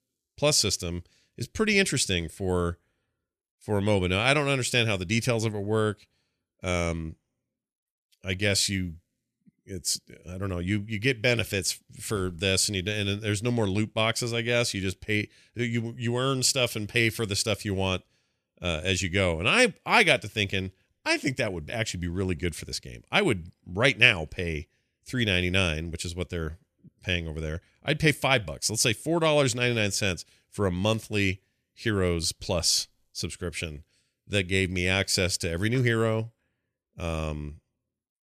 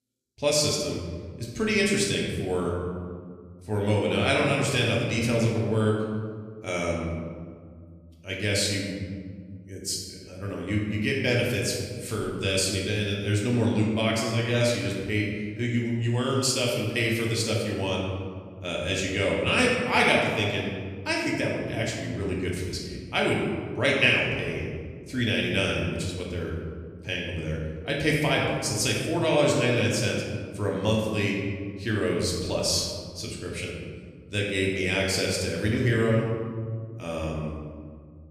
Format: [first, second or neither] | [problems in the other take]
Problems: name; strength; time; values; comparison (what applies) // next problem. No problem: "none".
first | room echo; noticeable; dies away in 1.7 s // off-mic speech; far